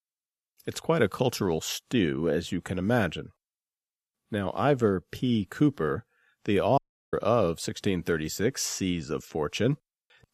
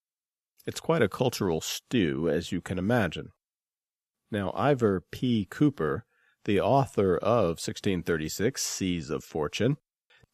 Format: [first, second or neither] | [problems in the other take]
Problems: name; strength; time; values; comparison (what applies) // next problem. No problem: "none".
second | audio cutting out; at 7 s